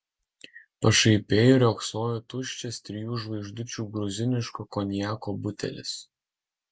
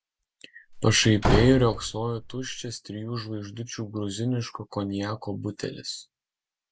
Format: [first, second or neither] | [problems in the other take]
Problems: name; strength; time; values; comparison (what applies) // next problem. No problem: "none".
first | background sound (Slam / Wood); 2 dB below the speech